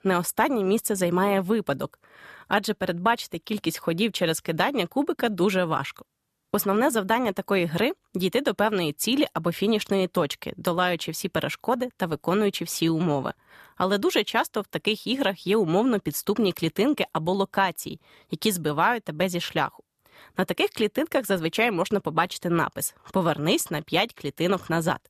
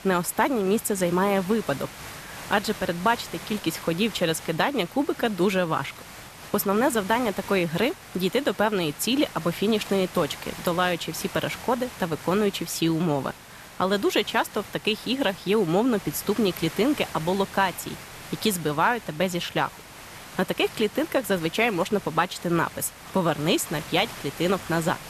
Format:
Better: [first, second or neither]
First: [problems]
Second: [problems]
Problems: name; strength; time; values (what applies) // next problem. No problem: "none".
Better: first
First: none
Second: hiss; noticeable; throughout; 15 dB below the speech